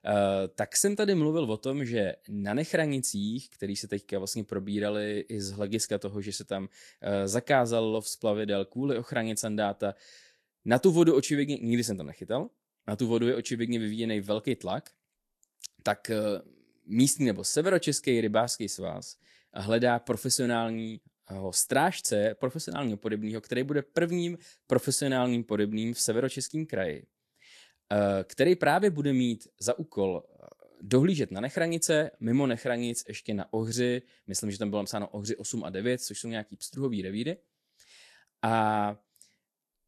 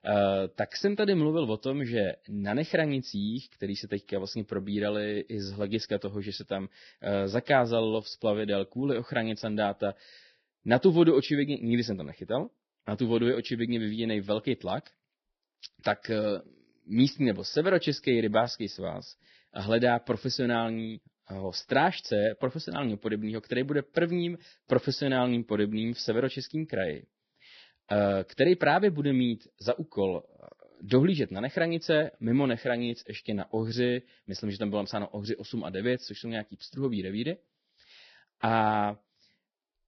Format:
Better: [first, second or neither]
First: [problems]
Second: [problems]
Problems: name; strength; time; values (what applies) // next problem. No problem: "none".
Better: first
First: garbled, watery; slightly; nothing above 12 kHz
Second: garbled, watery; badly; nothing above 5.5 kHz